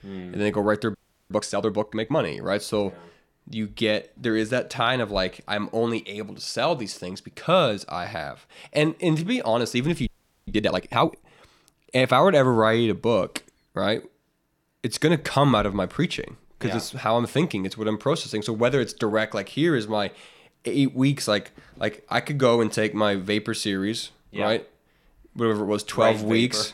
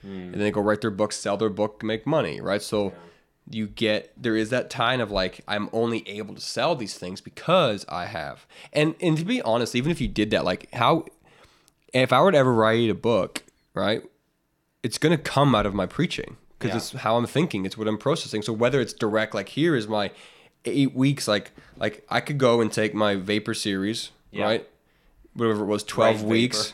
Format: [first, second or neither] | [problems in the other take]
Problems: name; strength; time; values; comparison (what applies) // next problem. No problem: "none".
second | audio freezing; at 1 s and at 10 s